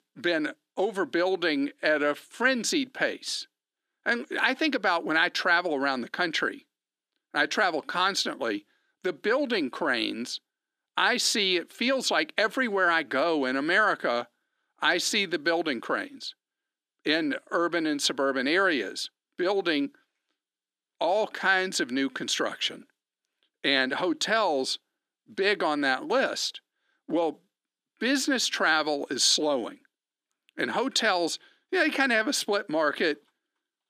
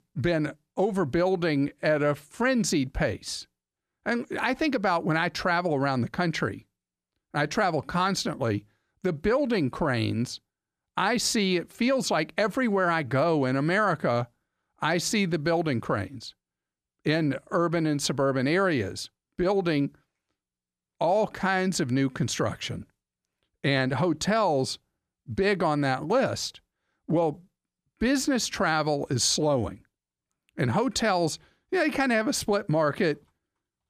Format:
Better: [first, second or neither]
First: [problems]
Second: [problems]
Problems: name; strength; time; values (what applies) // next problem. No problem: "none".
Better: second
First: thin; very slightly; fading below 300 Hz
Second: none